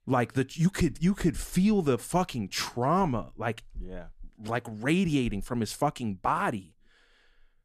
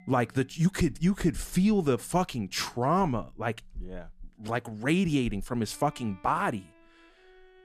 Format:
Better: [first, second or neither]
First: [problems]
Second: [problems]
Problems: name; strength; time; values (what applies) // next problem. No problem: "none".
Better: first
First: none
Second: background music; faint; throughout; 30 dB below the speech